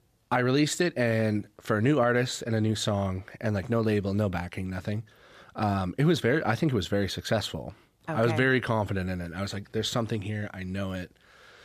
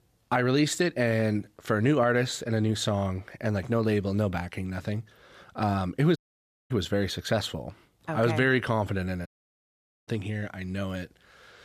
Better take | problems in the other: first | audio cutting out; at 6 s for 0.5 s and at 9.5 s for 1 s

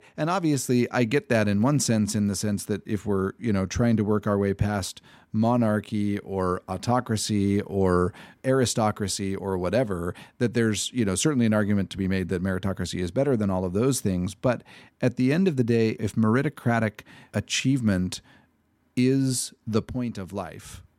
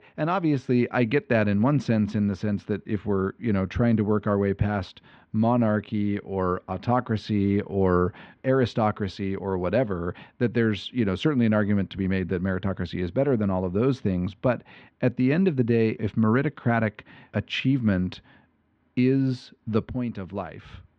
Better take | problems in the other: first | muffled; very; fading above 3.5 kHz

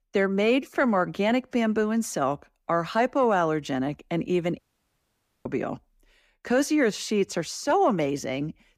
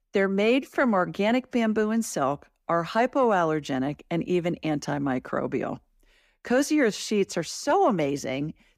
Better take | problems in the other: second | audio cutting out; at 4.5 s for 1 s

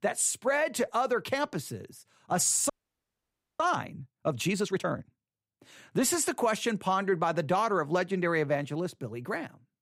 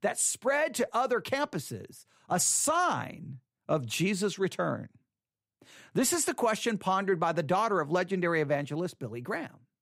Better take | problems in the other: second | audio freezing; at 2.5 s for 1 s

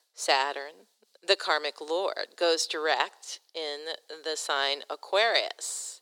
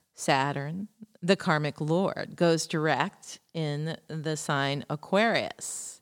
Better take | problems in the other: second | thin; very; fading below 400 Hz

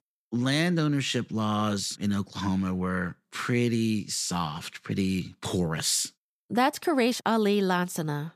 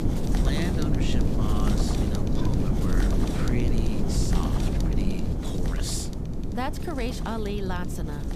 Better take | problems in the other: first | wind noise on the microphone; heavy; 1 dB above the speech

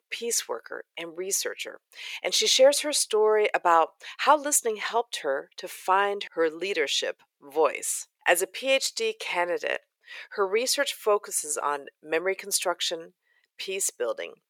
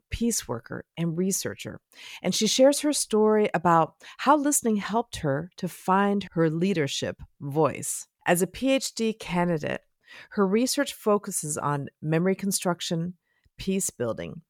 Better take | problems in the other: second | thin; very; fading below 450 Hz

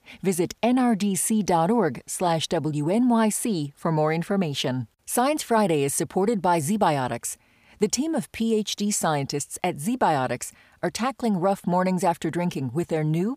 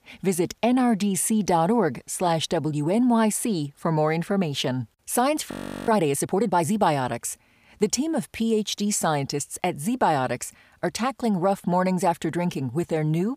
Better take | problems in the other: first | audio freezing; at 5.5 s

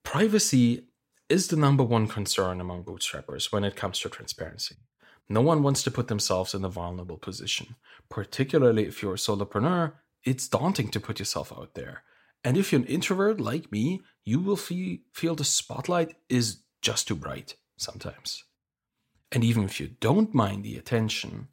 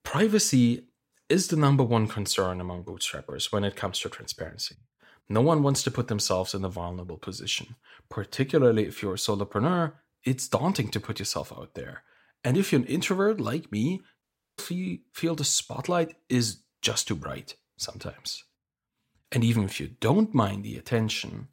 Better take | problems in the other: first | audio cutting out; at 14 s

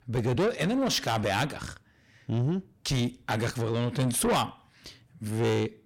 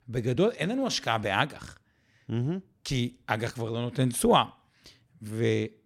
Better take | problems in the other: second | distortion; heavy; 6 dB below the speech

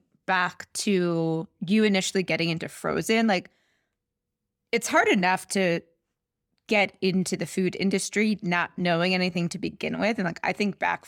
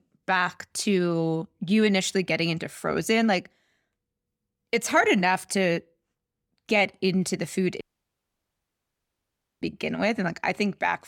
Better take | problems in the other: first | audio cutting out; at 8 s for 2 s

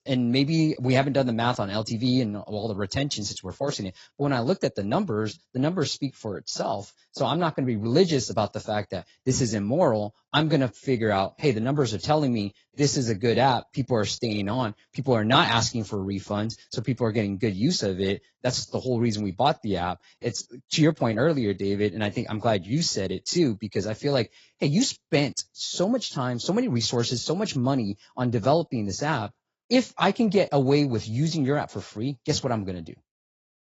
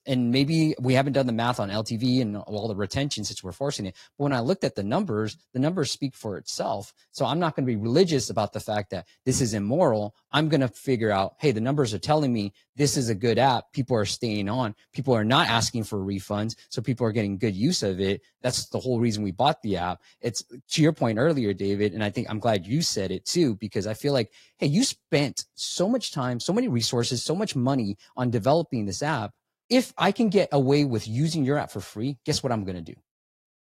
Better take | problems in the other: second | garbled, watery; badly; nothing above 7.5 kHz; slightly in the second

